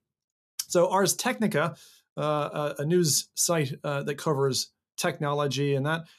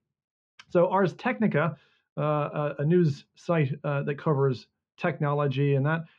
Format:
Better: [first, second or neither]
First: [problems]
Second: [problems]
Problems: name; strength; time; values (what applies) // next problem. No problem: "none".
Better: first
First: none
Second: muffled; very; fading above 2.5 kHz